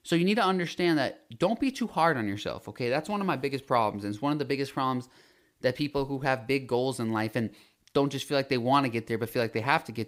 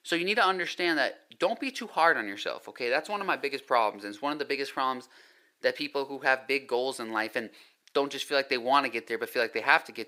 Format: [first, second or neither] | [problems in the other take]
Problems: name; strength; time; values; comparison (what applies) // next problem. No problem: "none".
first | thin; somewhat; fading below 450 Hz